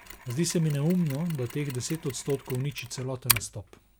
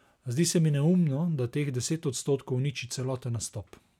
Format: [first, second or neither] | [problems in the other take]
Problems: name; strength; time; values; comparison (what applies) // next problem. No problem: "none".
second | background sound (Mechanisms); 7 dB below the speech